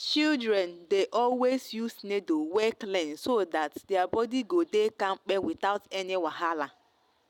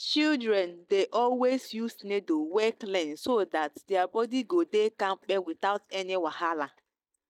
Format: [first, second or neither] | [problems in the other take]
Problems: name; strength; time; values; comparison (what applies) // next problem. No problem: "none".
first | noise reduction (neural mask model DeepFilterNet 3)